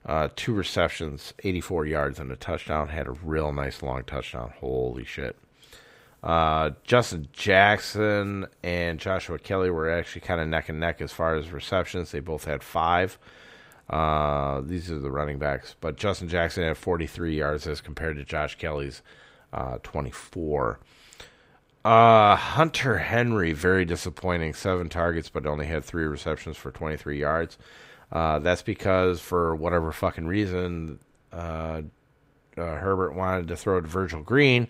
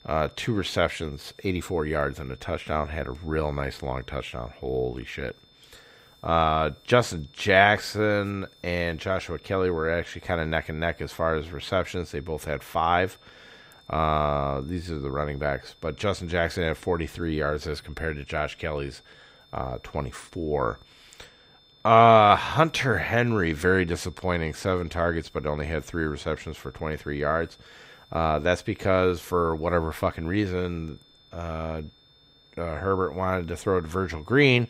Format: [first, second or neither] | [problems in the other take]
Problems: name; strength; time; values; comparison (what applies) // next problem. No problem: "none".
first | high-pitched whine; faint; throughout; 3.5 kHz, 30 dB below the speech